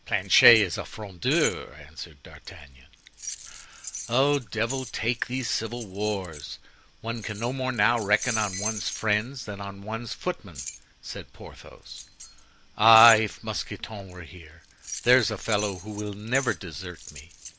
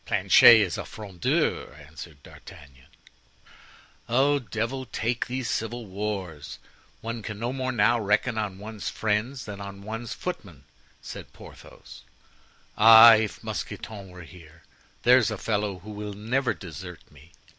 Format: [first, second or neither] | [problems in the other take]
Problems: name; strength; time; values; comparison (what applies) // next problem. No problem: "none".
second | background sound (Keys jangling); 14 dB below the speech